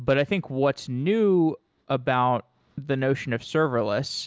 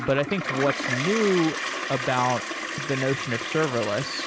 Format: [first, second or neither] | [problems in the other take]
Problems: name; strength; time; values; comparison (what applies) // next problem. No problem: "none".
first | background sound (Toilet flush); 4 dB below the speech